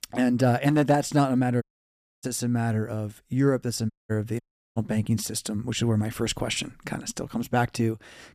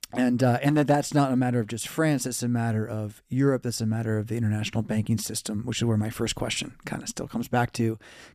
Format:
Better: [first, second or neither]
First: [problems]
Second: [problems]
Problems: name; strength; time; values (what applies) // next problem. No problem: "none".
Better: second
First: audio cutting out; at 1.5 s for 0.5 s, at 4 s and at 4.5 s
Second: none